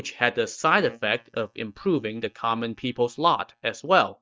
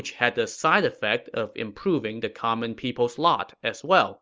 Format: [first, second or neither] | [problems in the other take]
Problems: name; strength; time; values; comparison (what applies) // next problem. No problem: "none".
second | noise reduction (neural mask model DeepFilterNet 3)